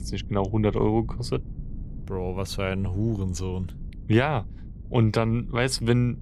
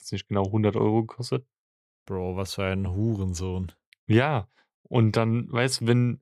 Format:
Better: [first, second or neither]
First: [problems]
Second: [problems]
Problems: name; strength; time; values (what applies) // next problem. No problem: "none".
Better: second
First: low rumble; faint; throughout; 25 dB below the speech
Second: none